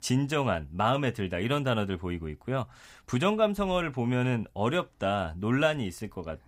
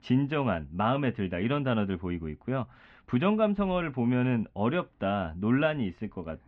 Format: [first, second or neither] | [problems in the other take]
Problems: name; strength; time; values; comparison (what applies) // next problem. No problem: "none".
first | muffled; very; fading above 3 kHz